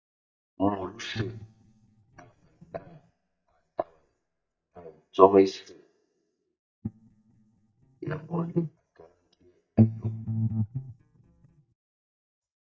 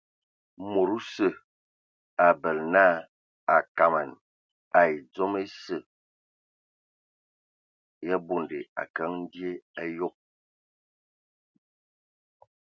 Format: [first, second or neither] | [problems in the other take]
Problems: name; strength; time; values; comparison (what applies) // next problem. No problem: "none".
second | noise reduction (neural mask model DeepFilterNet 3)